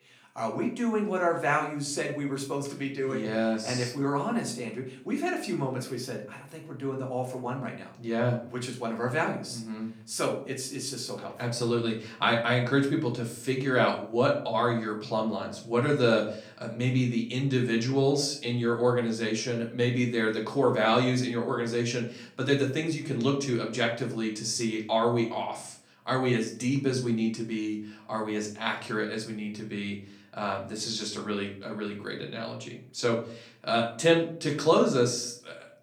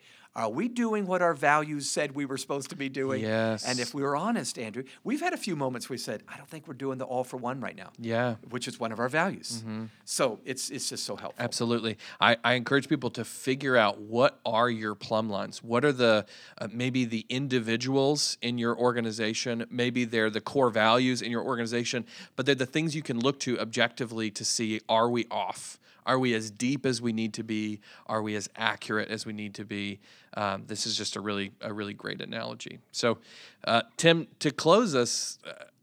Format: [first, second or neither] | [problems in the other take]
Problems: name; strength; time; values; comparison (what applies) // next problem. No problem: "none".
second | room echo; slight; dies away in 0.4 s // off-mic speech; far